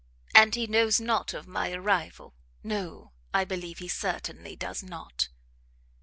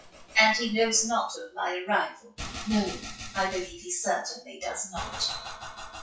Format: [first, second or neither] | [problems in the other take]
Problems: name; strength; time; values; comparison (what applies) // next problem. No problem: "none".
first | noise reduction (classical method WPE with log-MMSE)